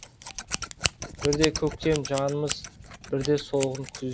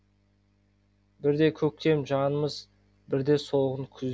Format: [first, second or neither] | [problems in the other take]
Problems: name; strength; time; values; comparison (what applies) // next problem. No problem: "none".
second | background sound (Scissors); 6 dB below the speech